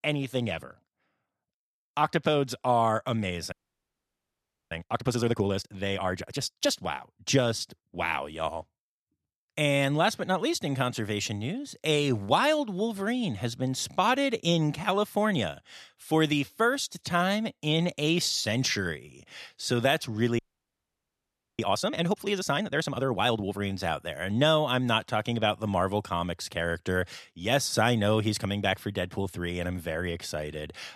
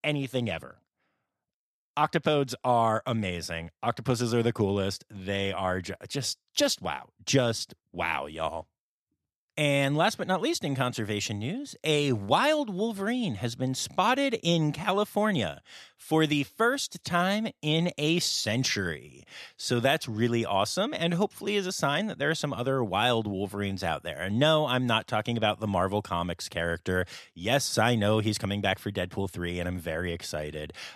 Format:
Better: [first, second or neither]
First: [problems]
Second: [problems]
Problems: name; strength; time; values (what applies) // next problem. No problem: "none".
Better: second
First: audio freezing; at 3.5 s for 1 s and at 20 s for 1 s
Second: none